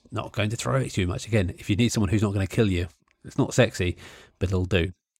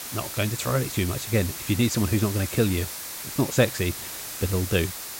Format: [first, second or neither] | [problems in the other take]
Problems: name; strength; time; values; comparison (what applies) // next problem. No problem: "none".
first | hiss; loud; throughout; 7 dB below the speech